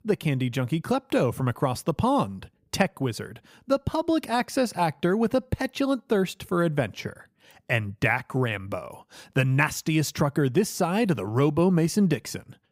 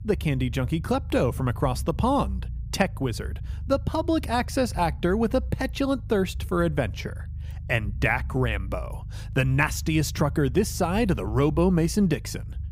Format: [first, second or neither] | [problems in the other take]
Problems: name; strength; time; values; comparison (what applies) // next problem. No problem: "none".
first | low rumble; faint; throughout; 25 dB below the speech